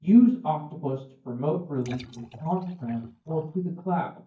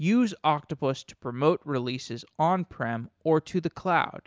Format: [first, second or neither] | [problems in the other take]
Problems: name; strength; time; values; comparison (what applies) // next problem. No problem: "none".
second | noise reduction (neural mask model DeepFilterNet 3)